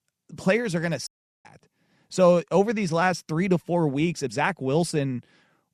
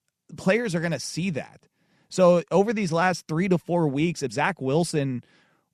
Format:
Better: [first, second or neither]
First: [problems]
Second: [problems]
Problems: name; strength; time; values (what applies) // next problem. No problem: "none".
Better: second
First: audio cutting out; at 1 s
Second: none